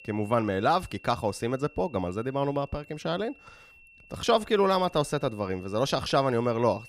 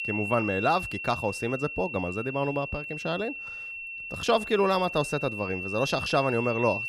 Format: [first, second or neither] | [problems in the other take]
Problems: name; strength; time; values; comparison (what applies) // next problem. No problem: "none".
first | high-pitched whine; loud; throughout; 2.5 kHz, 6 dB below the speech; faint in the first